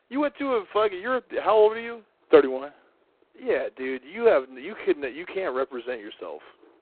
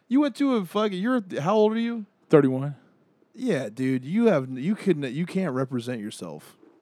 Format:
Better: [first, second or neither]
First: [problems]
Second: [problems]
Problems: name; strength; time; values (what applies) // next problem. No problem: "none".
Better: second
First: phone-call audio; poor line; nothing above 4 kHz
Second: none